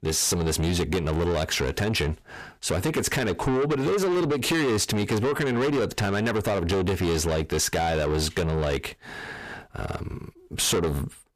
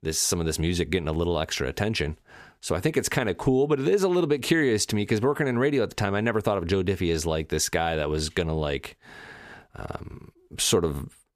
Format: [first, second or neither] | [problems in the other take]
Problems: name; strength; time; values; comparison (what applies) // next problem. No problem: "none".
second | distortion; heavy; 7 dB below the speech